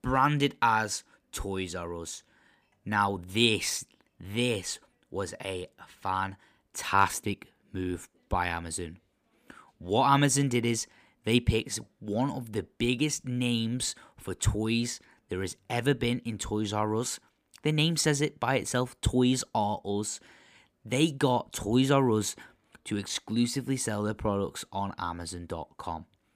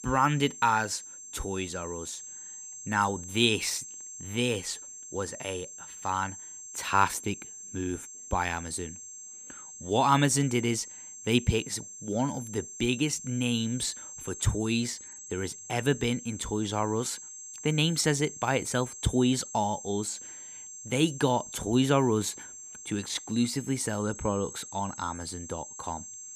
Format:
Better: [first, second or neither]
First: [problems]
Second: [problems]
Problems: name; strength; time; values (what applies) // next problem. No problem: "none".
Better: first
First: none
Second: high-pitched whine; noticeable; throughout; 7.5 kHz, 10 dB below the speech